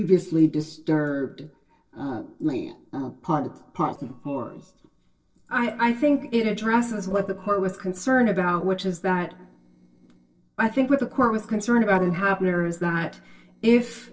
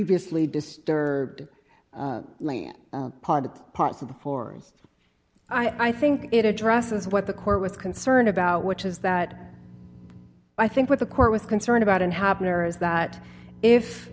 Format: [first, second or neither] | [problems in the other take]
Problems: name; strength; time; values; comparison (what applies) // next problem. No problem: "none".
second | noise reduction (neural separator model SepFormer DNS4)